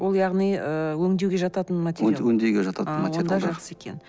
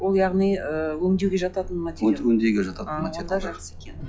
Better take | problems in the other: first | noise reduction (classical method log-MMSE)

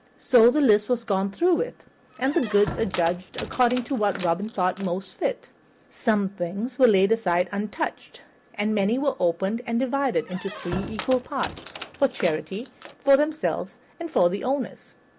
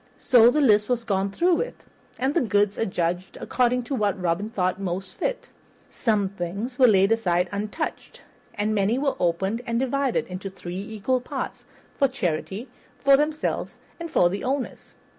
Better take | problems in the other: second | background sound (Squeak); 13 dB below the speech

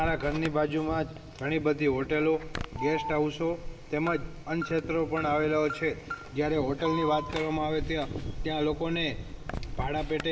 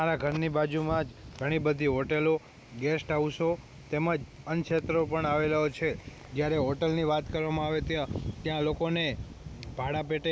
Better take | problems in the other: second | background sound (Alarm); 9 dB below the speech // room echo; dies away in 1.8 s

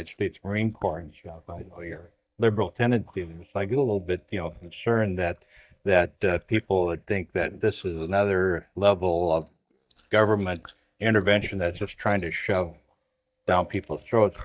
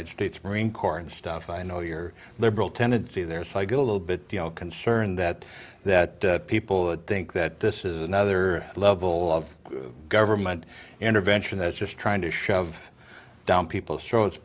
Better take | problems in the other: second | noise reduction (neural mask model DeepFilterNet 3)

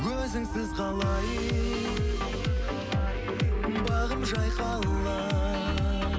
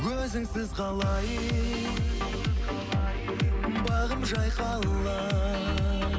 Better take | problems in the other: second | background sound (Wind instrument, woodwind instrument); 11 dB below the speech

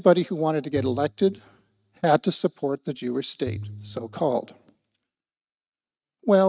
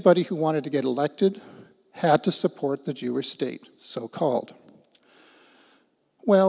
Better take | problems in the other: second | noise reduction (neural mask model RNNoise)

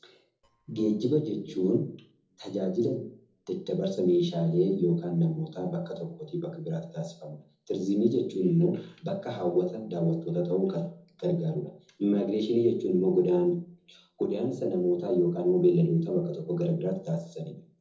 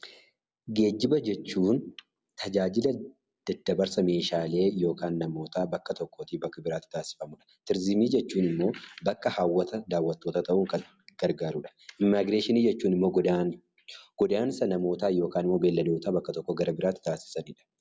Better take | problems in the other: second | noise reduction (neural separator model SepFormer DNS4)

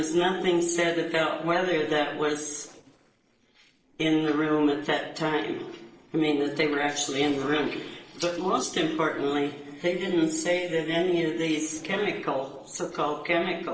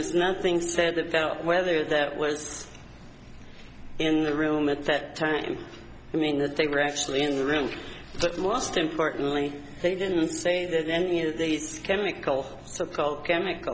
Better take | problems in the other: second | noise reduction (neural separator model SepFormer DNS4)

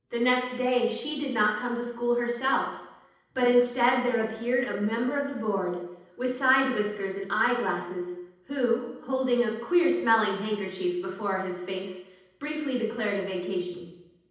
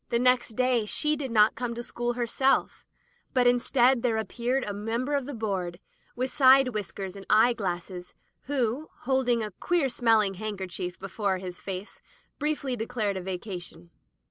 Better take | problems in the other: second | room echo; dies away in 0.8 s

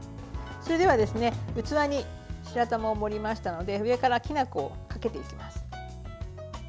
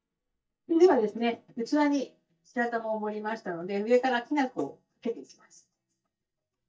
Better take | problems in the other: first | noise reduction (neural mask model DeepFilterNet 3)

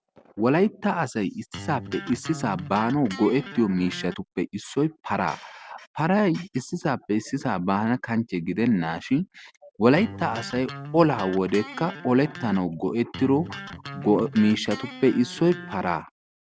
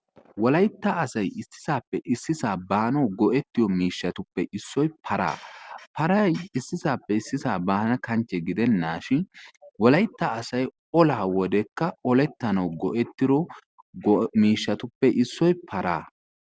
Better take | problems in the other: second | background sound (Electric guitar); 13 dB below the speech

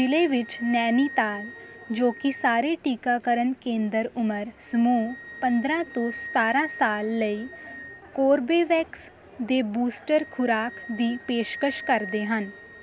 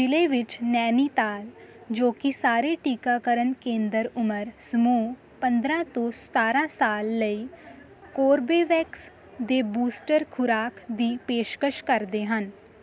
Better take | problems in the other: second | background sound (Wind instrument, woodwind instrument); 16 dB below the speech

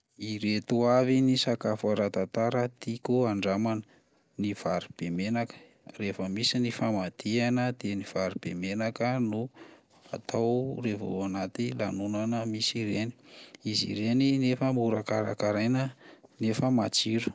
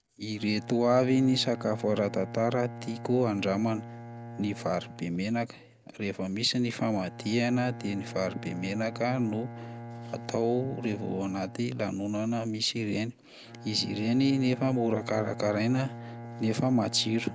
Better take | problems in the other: first | background sound (Bowed string instrument); 13 dB below the speech

